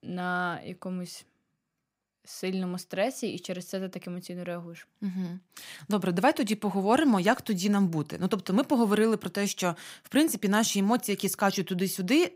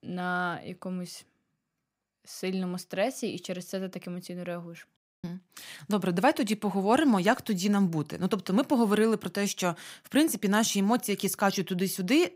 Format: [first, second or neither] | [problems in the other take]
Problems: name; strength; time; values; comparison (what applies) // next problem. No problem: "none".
first | audio cutting out; at 5 s